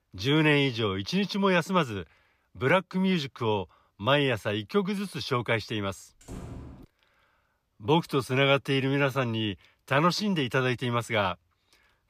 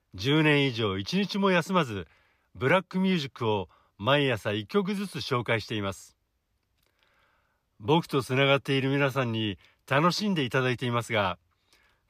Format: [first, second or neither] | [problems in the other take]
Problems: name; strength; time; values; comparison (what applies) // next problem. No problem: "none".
second | door banging; faint; at 6 s; peak 15 dB below the speech